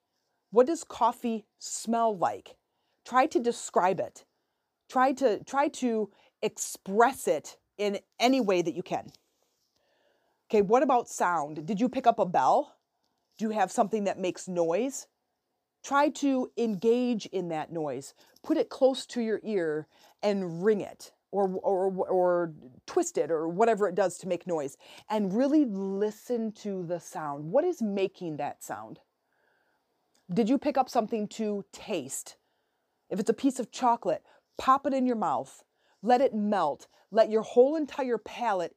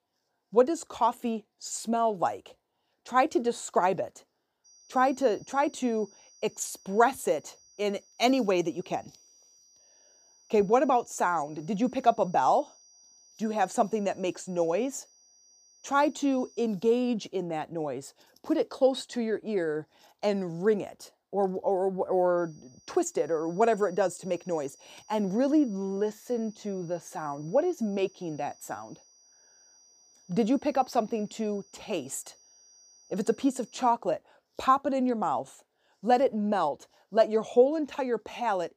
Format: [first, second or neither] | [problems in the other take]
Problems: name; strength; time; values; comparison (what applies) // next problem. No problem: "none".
first | high-pitched whine; faint; from 4.5 to 17 s and from 22 to 34 s; 6 kHz, 30 dB below the speech